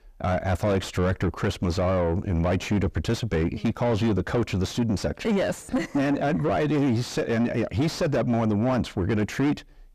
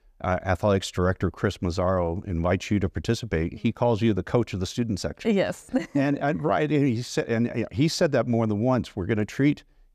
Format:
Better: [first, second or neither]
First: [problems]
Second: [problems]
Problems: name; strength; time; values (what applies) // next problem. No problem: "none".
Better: second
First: distortion; heavy; 6 dB below the speech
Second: none